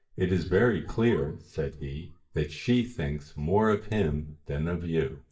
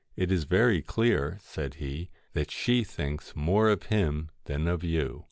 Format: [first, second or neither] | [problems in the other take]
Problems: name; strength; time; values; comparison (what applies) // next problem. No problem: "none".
second | noise reduction (neural mask model DeepFilterNet 3)